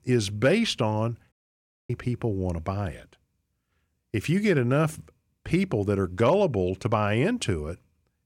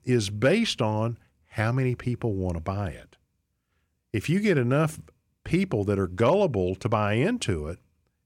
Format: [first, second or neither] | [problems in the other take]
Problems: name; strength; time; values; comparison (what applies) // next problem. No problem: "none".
second | audio cutting out; at 1.5 s for 0.5 s